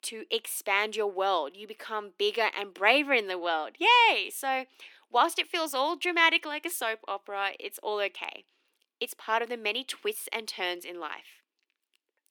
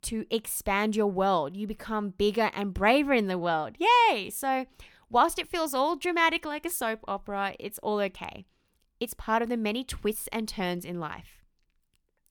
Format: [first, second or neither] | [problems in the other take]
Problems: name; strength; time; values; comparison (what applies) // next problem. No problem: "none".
second | thin; somewhat; fading below 300 Hz